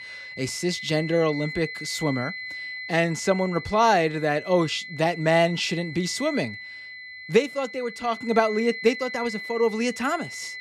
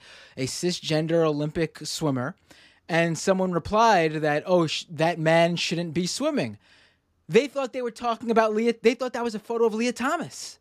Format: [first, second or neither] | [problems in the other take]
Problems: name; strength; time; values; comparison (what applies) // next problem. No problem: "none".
second | high-pitched whine; noticeable; throughout; 2 kHz, 10 dB below the speech